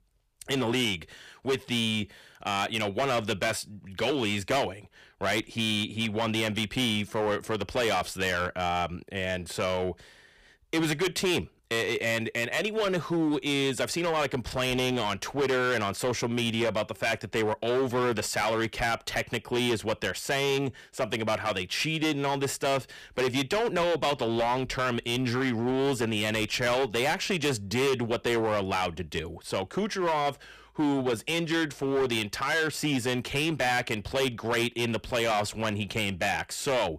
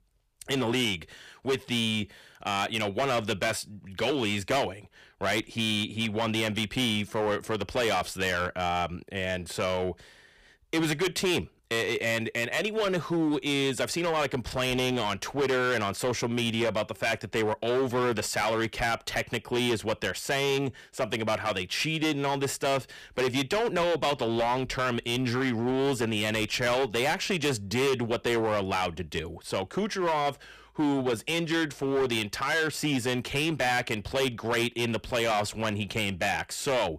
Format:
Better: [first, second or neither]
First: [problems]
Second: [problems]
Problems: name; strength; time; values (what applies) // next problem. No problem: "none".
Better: neither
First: distortion; heavy; 13% of the sound clipped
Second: distortion; heavy; 13% of the sound clipped